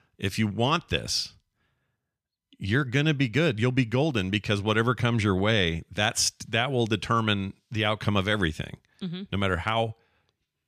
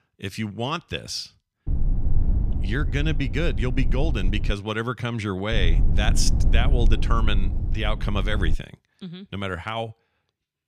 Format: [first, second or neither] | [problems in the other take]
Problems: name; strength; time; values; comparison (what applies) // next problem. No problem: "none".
first | low rumble; noticeable; from 1.5 to 4.5 s and from 5.5 to 8.5 s; 10 dB below the speech